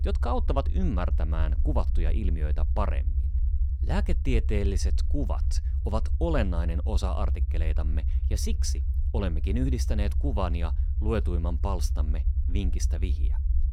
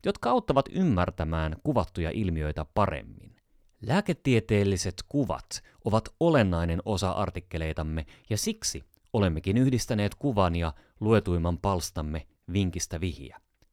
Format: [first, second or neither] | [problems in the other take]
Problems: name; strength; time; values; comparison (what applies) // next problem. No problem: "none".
second | low rumble; noticeable; throughout; 10 dB below the speech